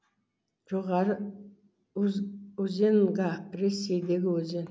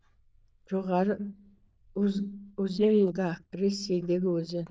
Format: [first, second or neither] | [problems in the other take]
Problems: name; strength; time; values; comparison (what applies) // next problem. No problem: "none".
first | noise reduction (neural diffusion model UNIVERSE++)